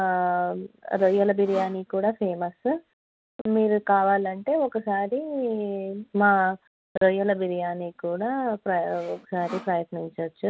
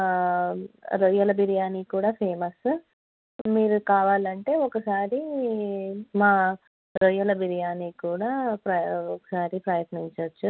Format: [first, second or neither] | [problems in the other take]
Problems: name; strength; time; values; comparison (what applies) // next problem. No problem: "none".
second | background sound (Sawing); 17 dB below the speech